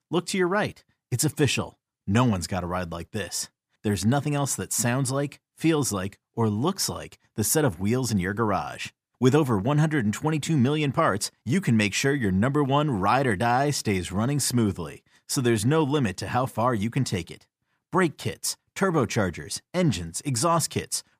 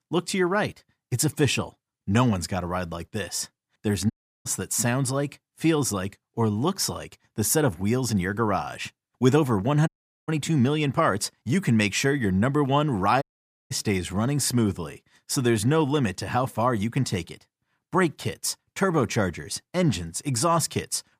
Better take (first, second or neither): first